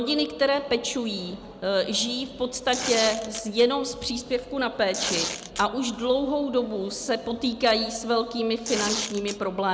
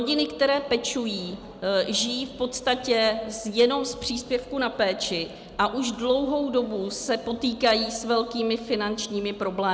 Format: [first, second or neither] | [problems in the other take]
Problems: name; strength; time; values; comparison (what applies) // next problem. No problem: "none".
second | background sound (Tearing); 6 dB below the speech